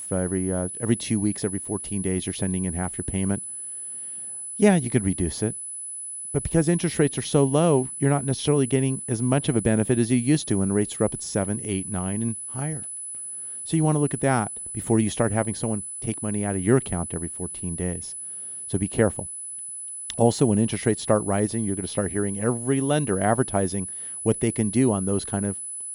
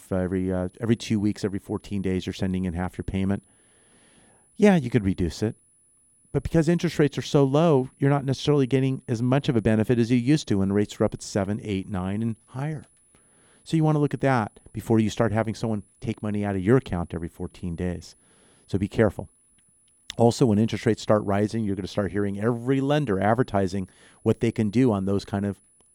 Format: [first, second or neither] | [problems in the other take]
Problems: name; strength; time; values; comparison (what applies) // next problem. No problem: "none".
second | high-pitched whine; loud; throughout; 10 kHz, 7 dB below the speech; faint in the second